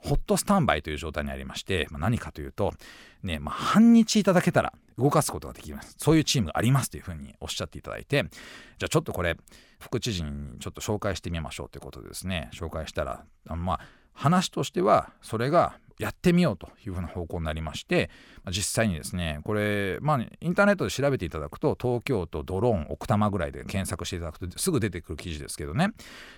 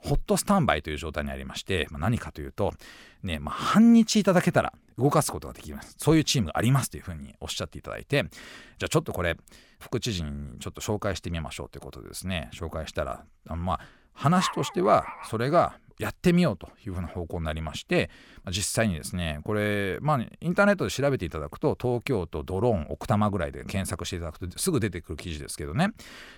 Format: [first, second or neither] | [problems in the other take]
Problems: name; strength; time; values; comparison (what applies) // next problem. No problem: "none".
first | dog barking; noticeable; at 14 s; peak 6 dB below the speech